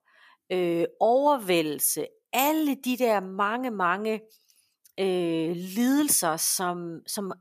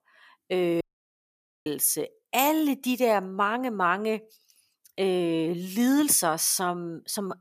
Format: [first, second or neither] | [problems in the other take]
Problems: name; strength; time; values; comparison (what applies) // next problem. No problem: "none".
first | audio cutting out; at 1 s for 1 s